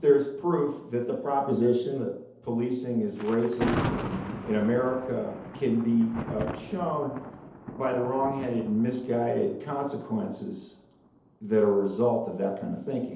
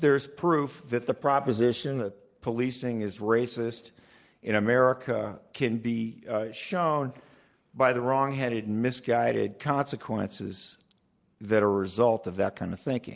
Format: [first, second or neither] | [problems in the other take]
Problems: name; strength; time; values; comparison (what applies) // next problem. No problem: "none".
second | background sound (Thunder); 11 dB below the speech // room echo; dies away in 2.2 s